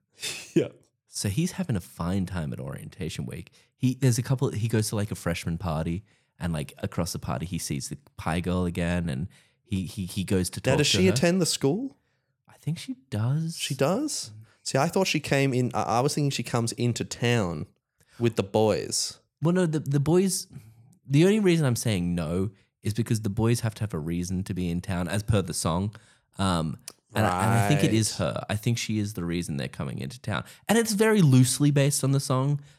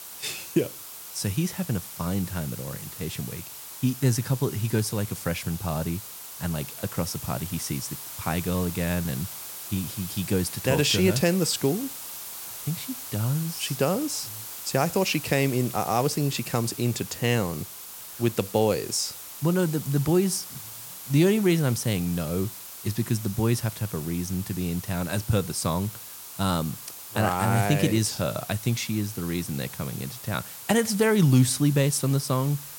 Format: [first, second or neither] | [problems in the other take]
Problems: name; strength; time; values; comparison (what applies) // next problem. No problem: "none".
first | hiss; noticeable; throughout; 10 dB below the speech